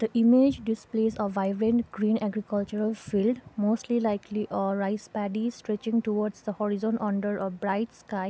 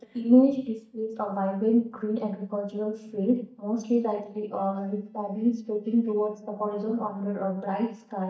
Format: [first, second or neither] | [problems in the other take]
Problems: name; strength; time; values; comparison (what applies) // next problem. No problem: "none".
first | noise reduction (neural mask model DeepFilterNet 3)